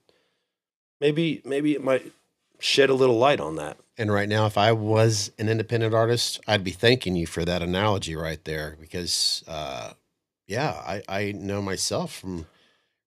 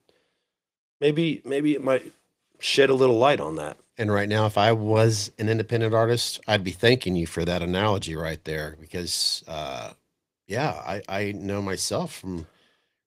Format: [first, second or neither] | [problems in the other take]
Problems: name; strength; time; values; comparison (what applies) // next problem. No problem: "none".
first | garbled, watery; slightly; nothing above 15.5 kHz